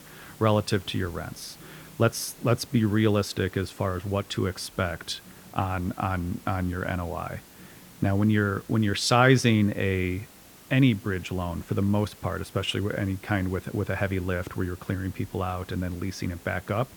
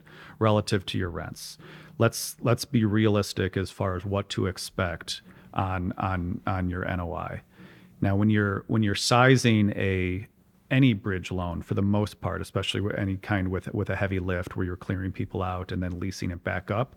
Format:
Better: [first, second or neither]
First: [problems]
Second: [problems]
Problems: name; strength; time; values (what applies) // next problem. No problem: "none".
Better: second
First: hiss; faint; throughout; 20 dB below the speech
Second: none